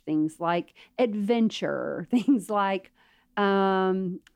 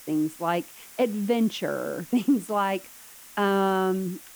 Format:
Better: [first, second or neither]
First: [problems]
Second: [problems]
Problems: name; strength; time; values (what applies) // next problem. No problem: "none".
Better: first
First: none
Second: hiss; noticeable; throughout; 15 dB below the speech